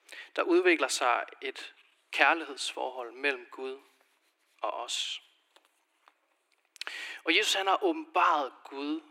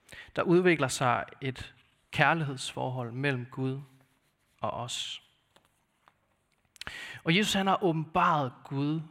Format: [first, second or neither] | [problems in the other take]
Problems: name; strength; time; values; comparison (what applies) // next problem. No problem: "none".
second | thin; very; fading below 300 Hz